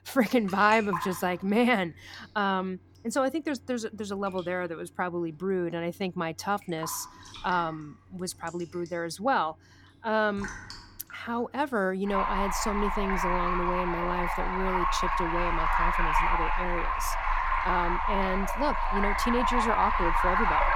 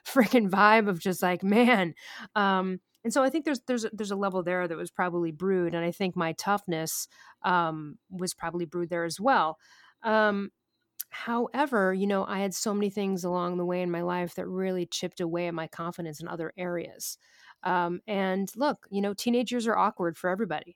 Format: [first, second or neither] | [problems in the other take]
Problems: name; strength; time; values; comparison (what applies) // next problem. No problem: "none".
second | rain or running water; very loud; throughout; 1 dB above the speech